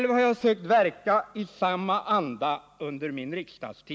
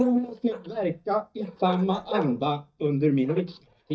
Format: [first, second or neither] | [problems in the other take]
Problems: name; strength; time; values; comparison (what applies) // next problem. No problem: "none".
first | noise reduction (neural mask model DeepFilterNet 3)